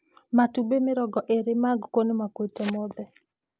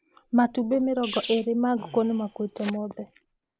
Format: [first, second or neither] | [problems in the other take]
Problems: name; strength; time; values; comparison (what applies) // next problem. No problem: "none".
first | background sound (Sneeze); 17 dB below the speech